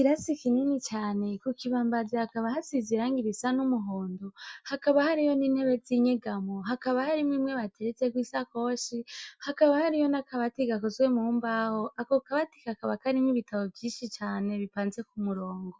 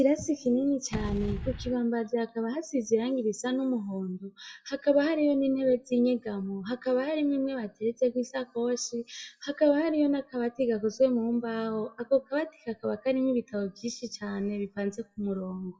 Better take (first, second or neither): first